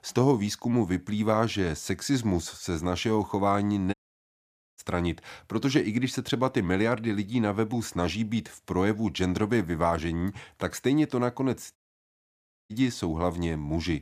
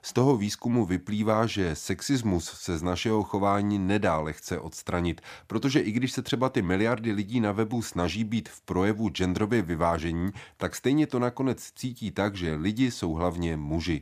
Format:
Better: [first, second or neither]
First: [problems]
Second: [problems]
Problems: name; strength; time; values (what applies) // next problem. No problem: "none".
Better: second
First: audio cutting out; at 4 s for 1 s and at 12 s for 1 s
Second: none